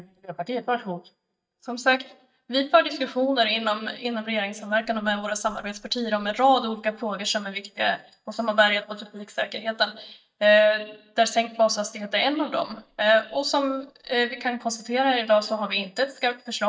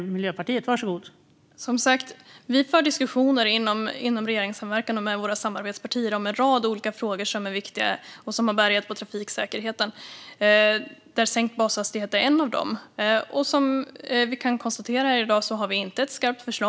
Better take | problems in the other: second | noise reduction (neural mask model DeepFilterNet 3)

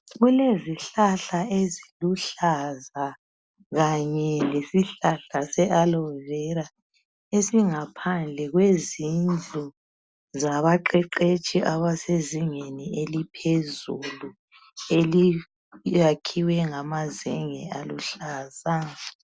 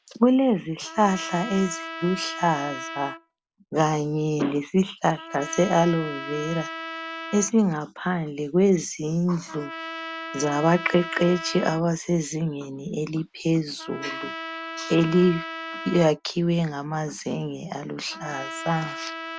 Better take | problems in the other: first | background sound (Trumpet); 12 dB below the speech

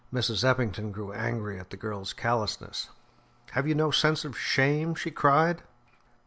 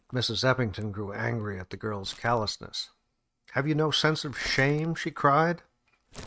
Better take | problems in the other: first | noise reduction (neural mask model RNNoise)

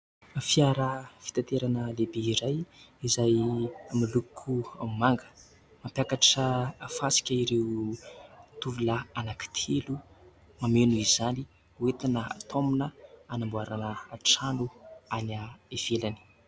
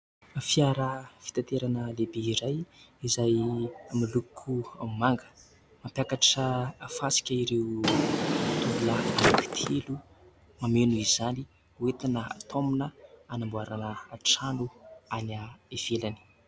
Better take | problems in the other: first | background sound (Drawer open or close); 2 dB above the speech

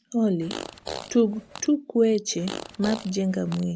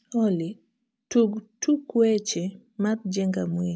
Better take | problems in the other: second | background sound (Fart); 13 dB below the speech

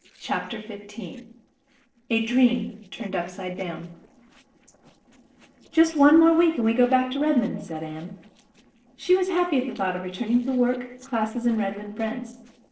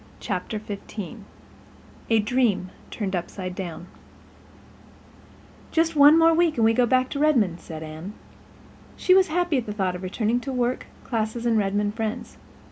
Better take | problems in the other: second | noise reduction (neural separator model SepFormer DNS4)

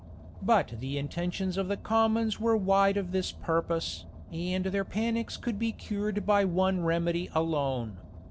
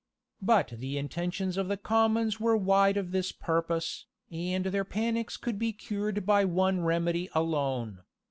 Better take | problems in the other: second | background sound (Car); 16 dB below the speech

